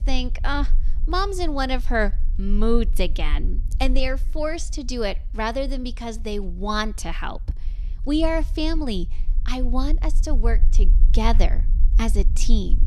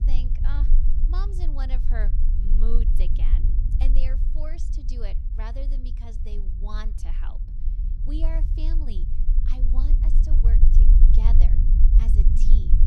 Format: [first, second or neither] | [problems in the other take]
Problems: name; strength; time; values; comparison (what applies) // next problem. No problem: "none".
first | low rumble; loud; throughout; 3 dB below the speech; faint in the first